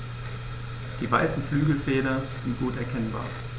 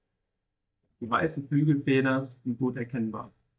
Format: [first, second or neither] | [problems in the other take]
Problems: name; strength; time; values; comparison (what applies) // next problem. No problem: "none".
first | noise reduction (neural mask model DeepFilterNet 3)